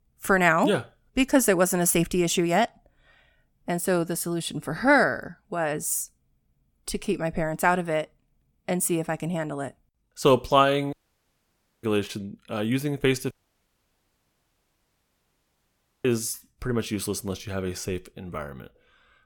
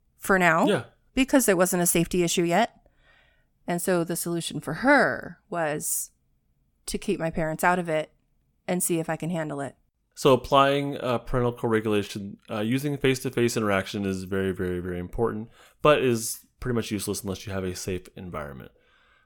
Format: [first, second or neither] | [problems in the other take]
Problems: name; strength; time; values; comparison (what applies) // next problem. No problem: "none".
second | audio cutting out; at 11 s for 1 s and at 13 s for 2.5 s